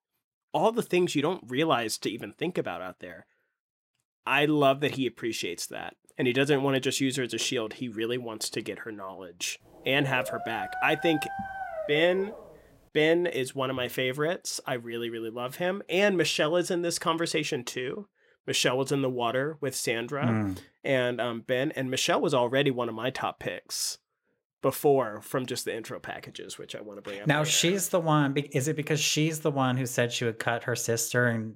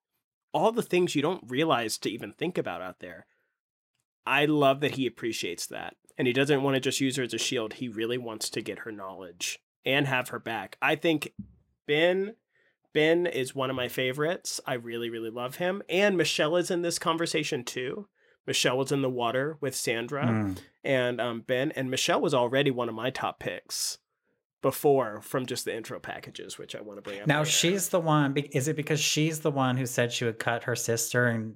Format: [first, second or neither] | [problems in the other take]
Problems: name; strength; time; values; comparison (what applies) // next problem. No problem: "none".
second | dog barking; noticeable; from 10 to 13 s; peak 6 dB below the speech